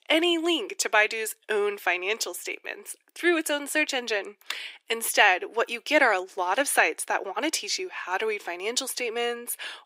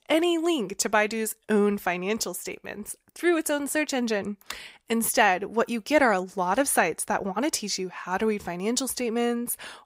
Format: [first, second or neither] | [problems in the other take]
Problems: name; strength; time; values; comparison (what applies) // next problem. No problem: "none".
second | thin; somewhat; fading below 300 Hz